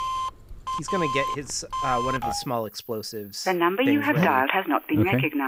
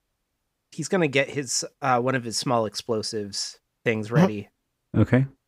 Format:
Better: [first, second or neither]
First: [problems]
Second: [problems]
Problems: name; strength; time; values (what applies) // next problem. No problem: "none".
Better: second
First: alarms or sirens; very loud; throughout; 4 dB above the speech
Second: none